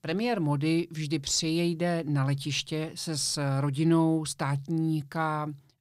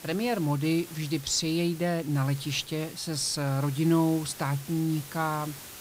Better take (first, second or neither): first